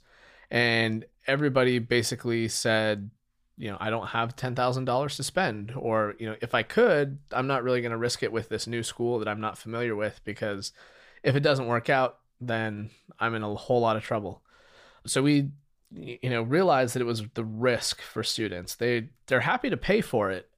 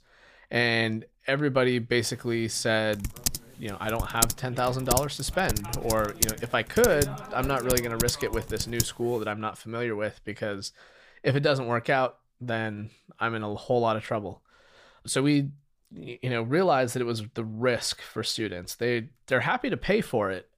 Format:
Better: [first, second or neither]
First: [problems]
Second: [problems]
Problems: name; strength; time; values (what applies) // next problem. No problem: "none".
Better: first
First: none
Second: keyboard typing; loud; from 3 to 9 s; peak 2 dB above the speech